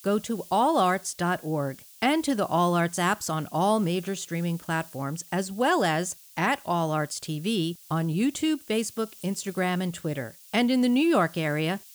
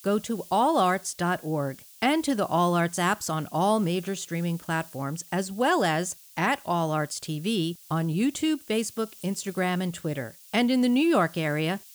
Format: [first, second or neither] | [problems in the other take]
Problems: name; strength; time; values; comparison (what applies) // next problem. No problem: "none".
neither | hiss; faint; throughout; 20 dB below the speech; the same in both